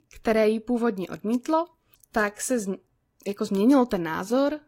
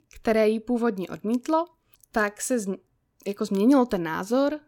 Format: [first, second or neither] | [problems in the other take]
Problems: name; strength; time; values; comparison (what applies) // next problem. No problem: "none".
second | garbled, watery; slightly; nothing above 15.5 kHz